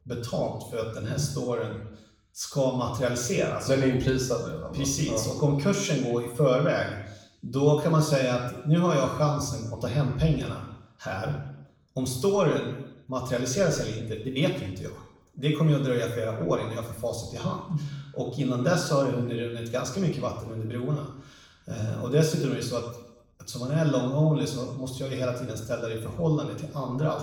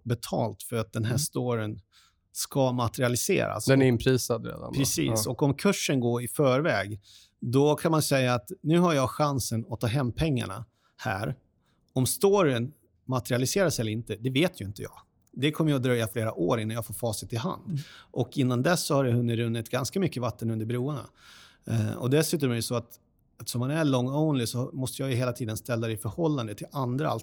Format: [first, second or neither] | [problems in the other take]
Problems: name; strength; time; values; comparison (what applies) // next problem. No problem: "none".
second | room echo; noticeable; dies away in 0.7 s // off-mic speech; far